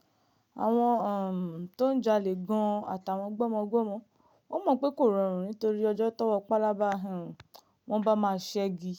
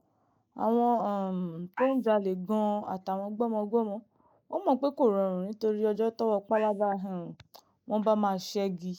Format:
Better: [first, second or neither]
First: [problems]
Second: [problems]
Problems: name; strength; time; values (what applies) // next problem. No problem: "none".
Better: first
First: none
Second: noise reduction (neural mask model Resemble Enhance denoiser)